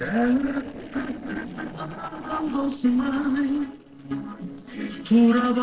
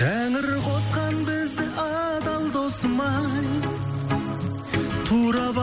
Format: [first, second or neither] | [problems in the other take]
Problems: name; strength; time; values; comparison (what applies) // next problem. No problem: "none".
second | noise reduction (neural separator model SepFormer DNS4)